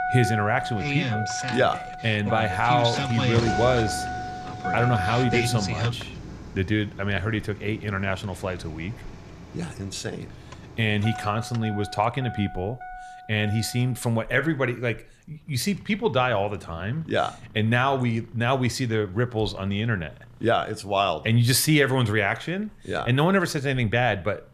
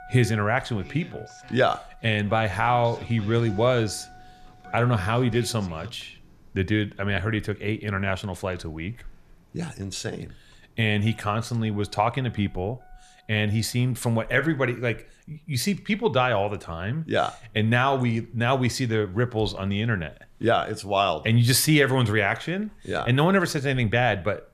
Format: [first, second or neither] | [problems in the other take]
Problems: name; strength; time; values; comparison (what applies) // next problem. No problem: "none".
second | traffic noise; loud; throughout; 5 dB below the speech; faint in the second